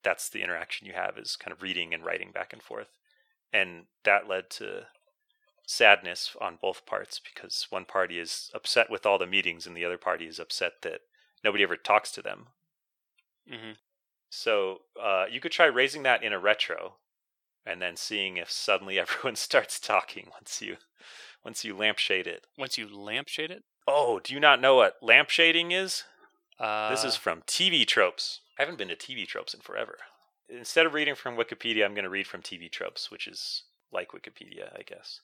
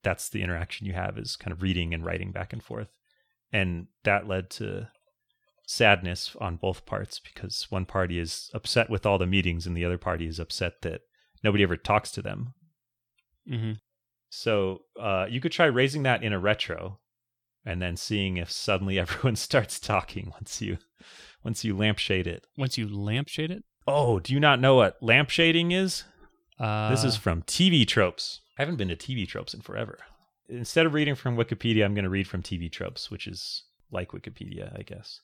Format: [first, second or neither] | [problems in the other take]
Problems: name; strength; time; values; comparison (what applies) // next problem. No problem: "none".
second | thin; very; fading below 550 Hz